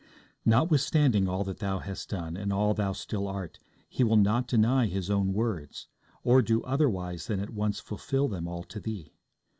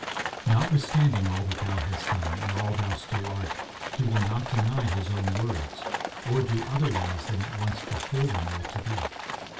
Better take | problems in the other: first | background sound (Livestock, farm animals, working animals); 7 dB below the speech // room echo; dies away in 0.2 s

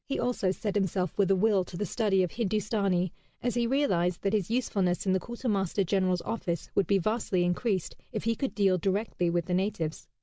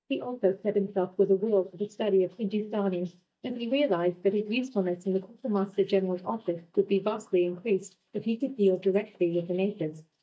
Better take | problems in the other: first | noise reduction (neural mask model DeepFilterNet 3)

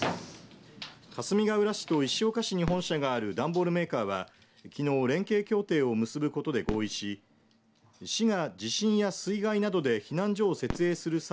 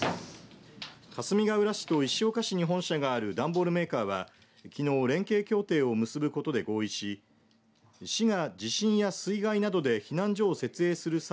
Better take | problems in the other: second | background sound (Fireworks); 18 dB below the speech

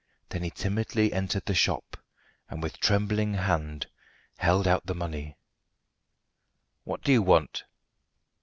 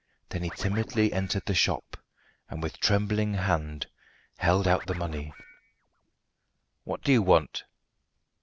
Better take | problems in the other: first | background sound (Scratching (performance technique)); 16 dB below the speech

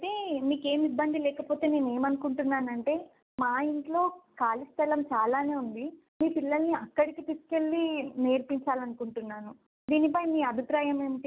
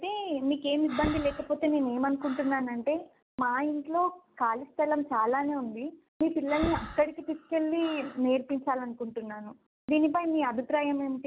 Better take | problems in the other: first | background sound (Breathing); 16 dB below the speech

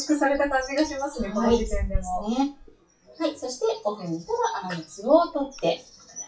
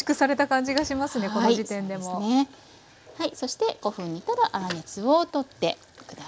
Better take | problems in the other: second | noise reduction (classical method WPE with log-MMSE)

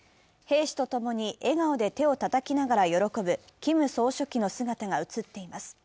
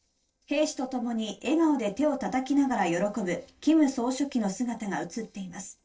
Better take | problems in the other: first | noise reduction (neural separator model SepFormer DNS4)

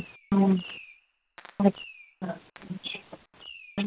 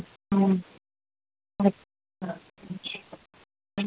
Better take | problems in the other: second | background sound (Fireworks); 20 dB below the speech

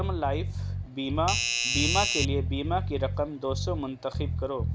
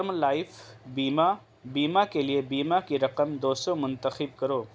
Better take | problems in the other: second | background sound (Bass guitar + Doorbell); 2 dB above the speech

